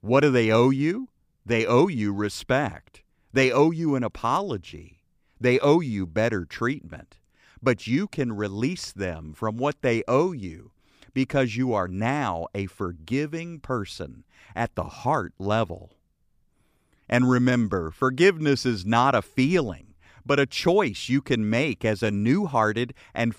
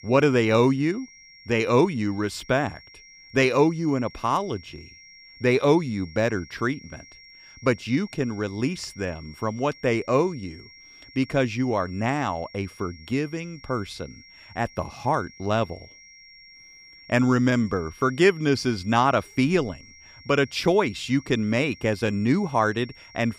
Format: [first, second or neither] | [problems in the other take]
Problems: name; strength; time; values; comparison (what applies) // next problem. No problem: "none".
first | high-pitched whine; faint; throughout; 2 kHz, 20 dB below the speech